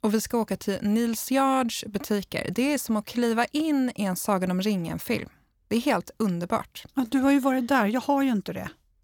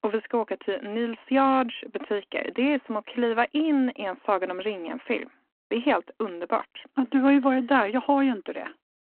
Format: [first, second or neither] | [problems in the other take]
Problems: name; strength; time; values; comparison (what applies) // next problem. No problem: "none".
first | phone-call audio